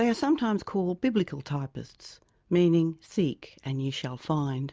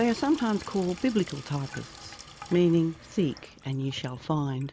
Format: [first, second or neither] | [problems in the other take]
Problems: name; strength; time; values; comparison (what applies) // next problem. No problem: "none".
first | background sound (Sink (filling or washing)); 18 dB below the speech